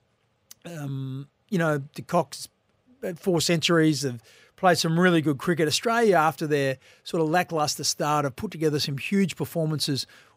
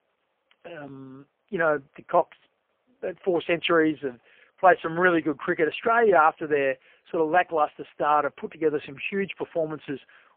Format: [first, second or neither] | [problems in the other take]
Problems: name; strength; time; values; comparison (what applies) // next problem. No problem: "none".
first | phone-call audio; poor line; nothing above 3 kHz